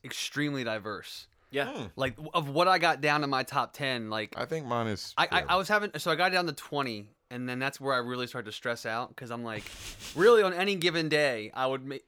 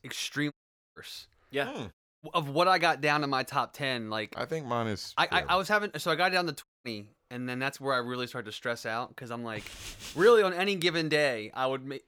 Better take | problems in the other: first | audio cutting out; at 0.5 s, at 2 s and at 6.5 s

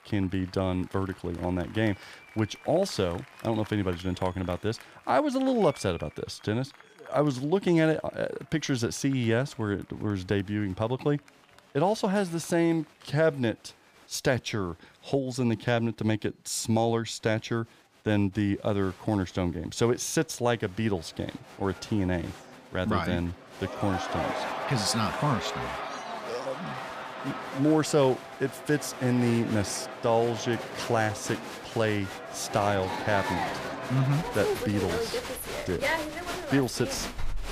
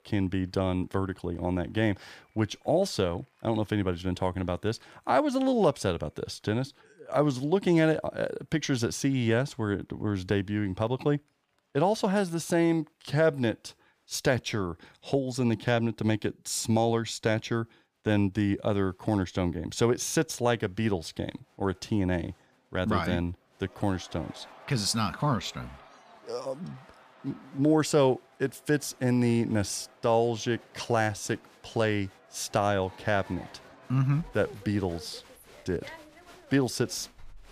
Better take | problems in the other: second | crowd noise; loud; throughout; 7 dB below the speech; faint in the second

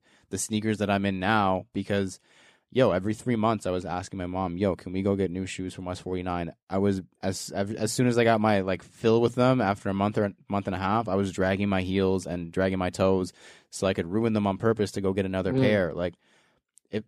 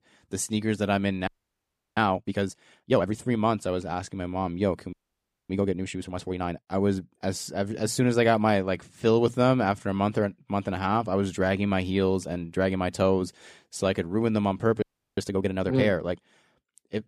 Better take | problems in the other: first | audio freezing; at 1.5 s for 0.5 s, at 5 s for 0.5 s and at 15 s

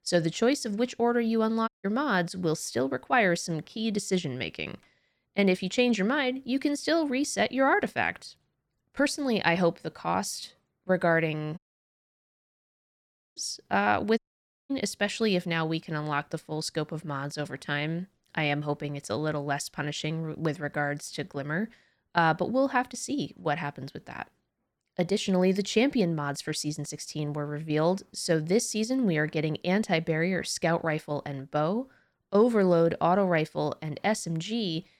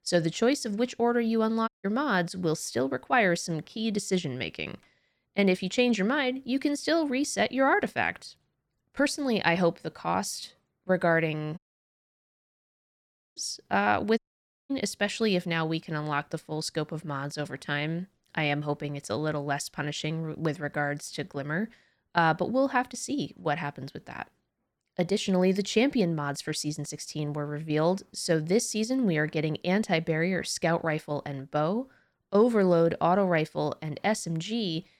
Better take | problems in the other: neither | audio cutting out; at 1.5 s, at 12 s for 2 s and at 14 s for 0.5 s; the same in both

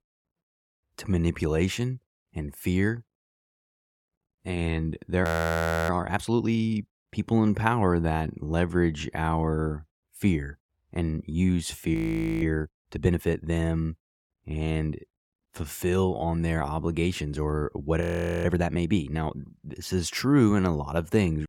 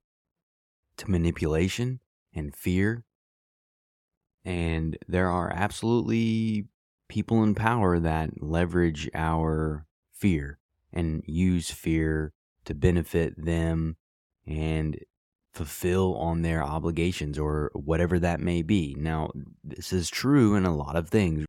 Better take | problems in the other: second | audio freezing; at 5.5 s for 0.5 s, at 12 s and at 18 s

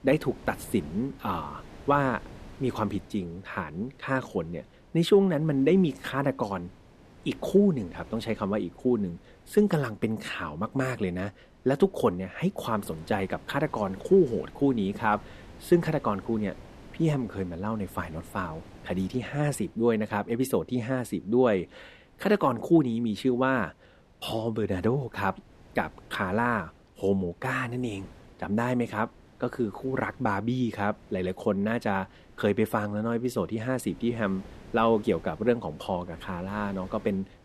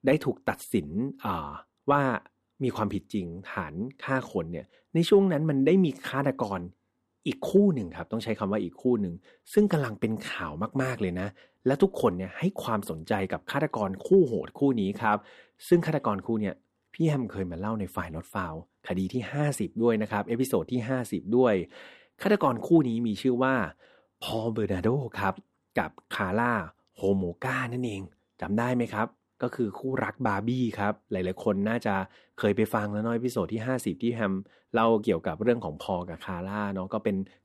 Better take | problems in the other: second | wind noise on the microphone; occasional gusts; 25 dB below the speech

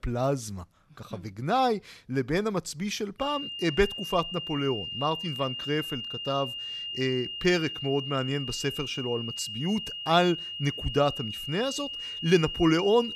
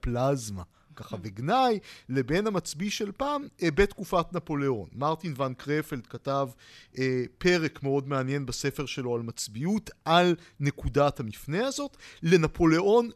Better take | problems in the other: second | high-pitched whine; loud; from 3 s on; 3 kHz, 6 dB below the speech

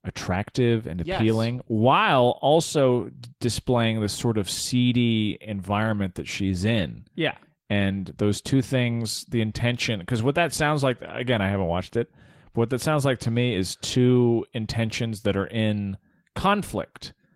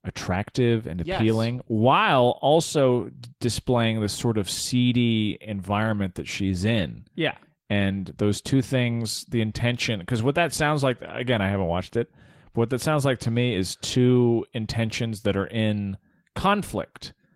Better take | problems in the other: neither | garbled, watery; slightly; nothing above 16 kHz; the same in both

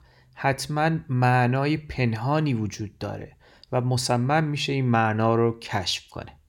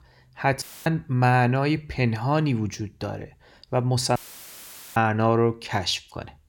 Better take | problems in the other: first | audio cutting out; filled with static; at 0.5 s and at 4 s for 1 s

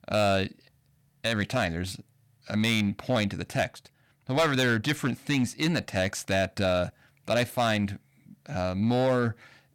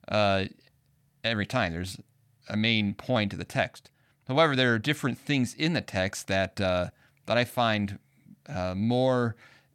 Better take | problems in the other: second | distortion; slight; 4% of the sound clipped

